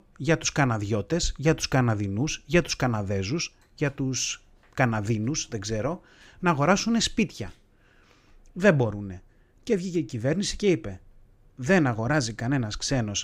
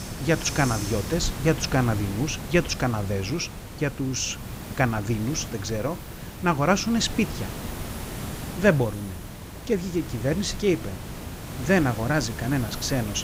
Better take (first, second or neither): first